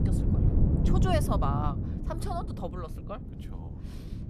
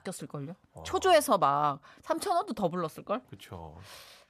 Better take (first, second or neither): second